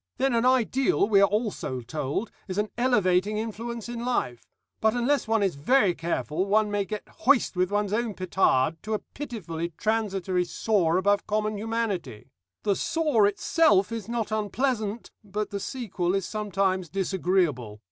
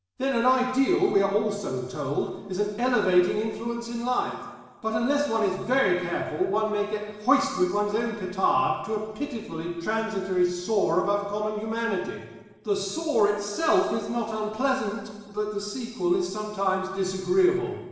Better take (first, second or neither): first